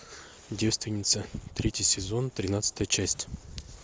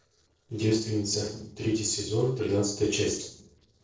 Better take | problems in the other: first | noise reduction (neural separator model SepFormer DNS4)

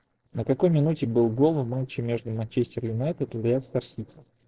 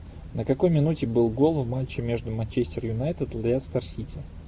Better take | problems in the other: second | noise reduction (neural separator model SepFormer DNS4)

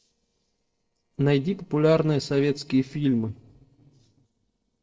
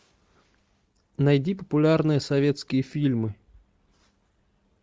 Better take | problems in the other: second | noise reduction (neural separator model SepFormer DNS4)

